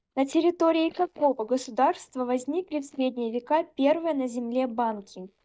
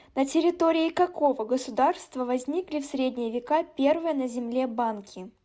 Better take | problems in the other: second | noise reduction (neural mask model DeepFilterNet 3)

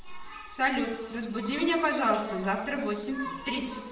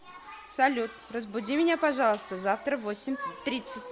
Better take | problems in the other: second | room echo; dies away in 0.7 s

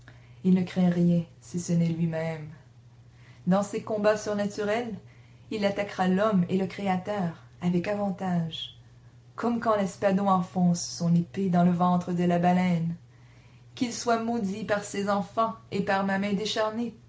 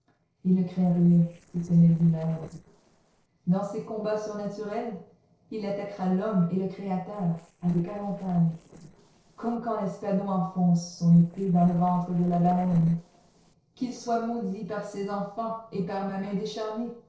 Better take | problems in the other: first | noise reduction (neural separator model SepFormer DNS4)

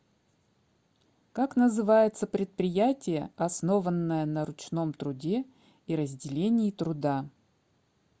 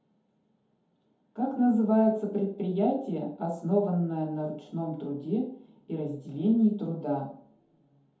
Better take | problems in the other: first | room echo; dies away in 0.6 s

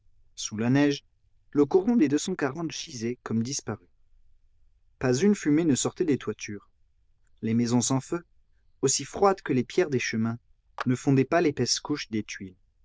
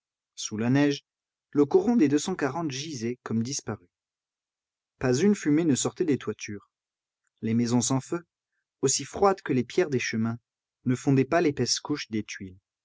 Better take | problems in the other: second | noise reduction (neural diffusion model UNIVERSE++)

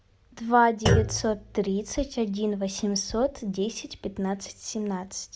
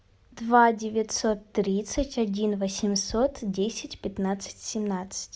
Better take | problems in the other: second | background sound (Thump, thud); 4 dB below the speech

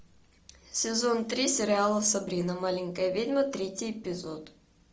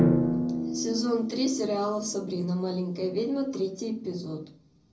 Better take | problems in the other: first | background sound (Drum); 1 dB below the speech // room echo; dies away in 0.4 s

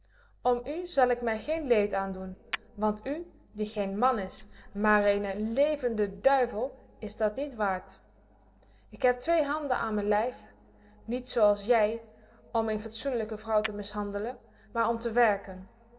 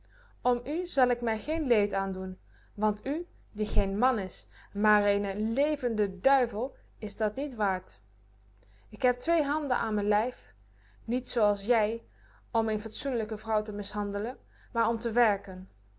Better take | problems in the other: second | noise reduction (neural separator model SepFormer DNS4)

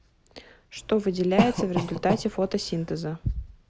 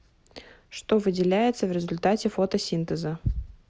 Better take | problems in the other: second | background sound (Cough); 2 dB below the speech

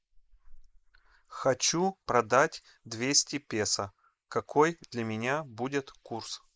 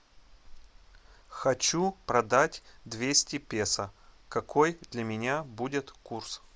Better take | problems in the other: second | noise reduction (neural mask model Resemble Enhance denoiser)

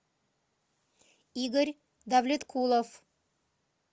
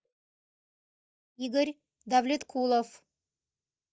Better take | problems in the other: first | noise reduction (neural mask model DeepFilterNet 3)

